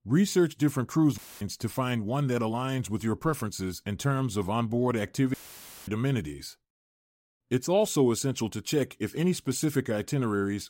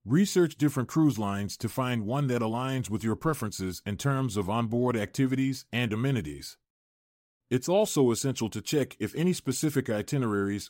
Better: second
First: audio cutting out; filled with static; at 1 s and at 5.5 s for 0.5 s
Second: none

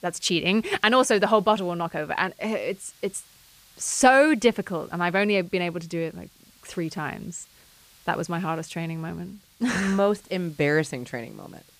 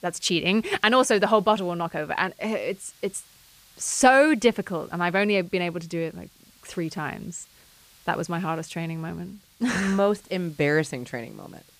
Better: neither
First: hiss; faint; throughout; 30 dB below the speech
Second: hiss; faint; throughout; 30 dB below the speech

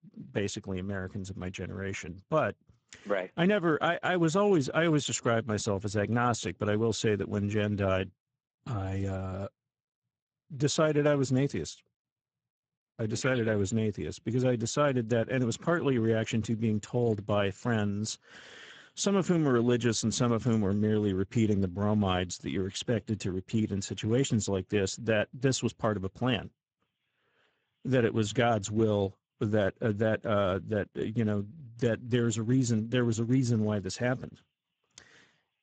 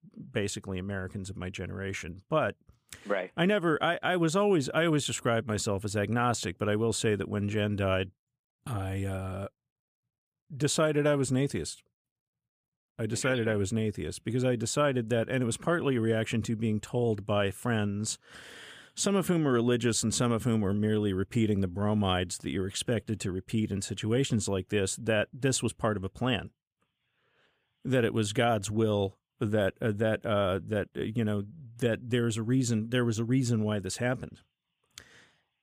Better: second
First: garbled, watery; badly; nothing above 7.5 kHz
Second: none

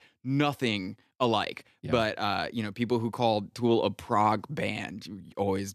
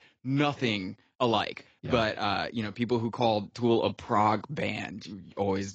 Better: first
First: none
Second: garbled, watery; badly

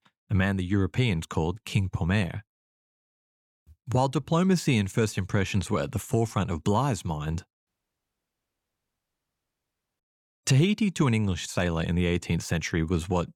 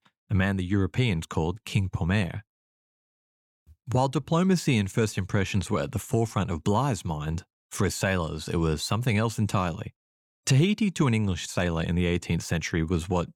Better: second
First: audio cutting out; at 7.5 s for 2.5 s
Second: none

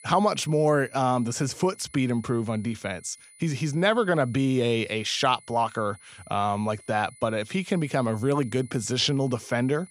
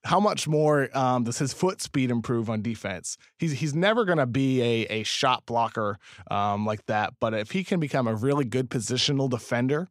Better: second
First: high-pitched whine; faint; throughout; 10 kHz, 25 dB below the speech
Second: none

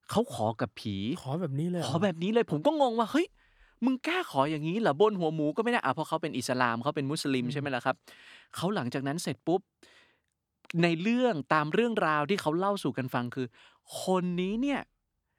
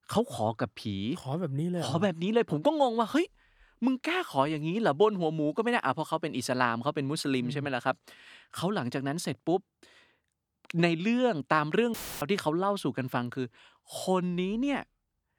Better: first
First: none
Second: audio cutting out; filled with static; at 12 s

